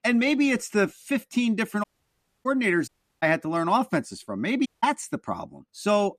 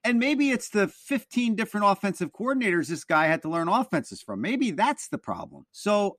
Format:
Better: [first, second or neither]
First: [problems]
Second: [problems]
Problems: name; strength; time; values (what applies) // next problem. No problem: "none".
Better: second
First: audio cutting out; at 2 s for 0.5 s, at 3 s and at 4.5 s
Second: none